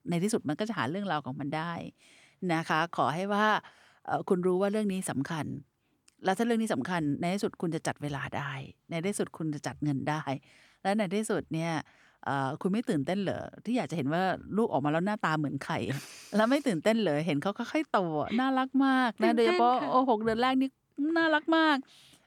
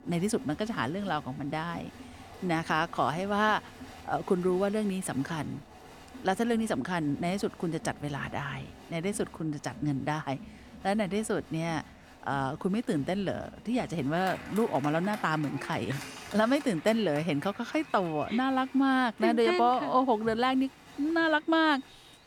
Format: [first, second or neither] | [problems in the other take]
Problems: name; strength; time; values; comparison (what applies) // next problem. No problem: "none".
first | crowd noise; noticeable; throughout; 20 dB below the speech